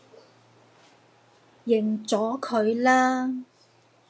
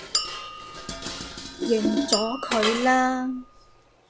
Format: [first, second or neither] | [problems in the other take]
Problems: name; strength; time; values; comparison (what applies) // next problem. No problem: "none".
first | background sound (Chink, clink + Dishes, pots, and pans); 3 dB below the speech